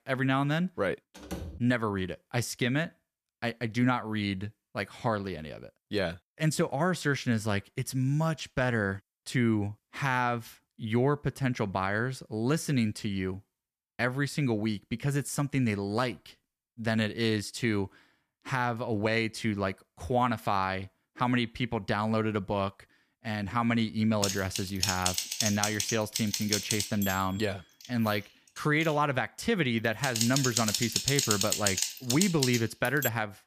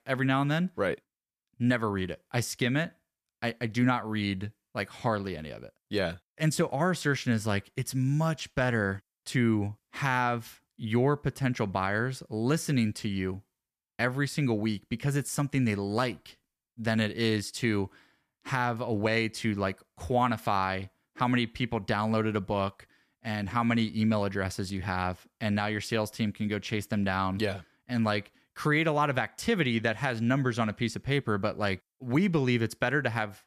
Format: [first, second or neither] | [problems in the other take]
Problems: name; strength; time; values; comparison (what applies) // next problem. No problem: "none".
second | door banging; faint; at 1 s; peak 10 dB below the speech // keyboard typing; loud; from 24 s on; peak 3 dB above the speech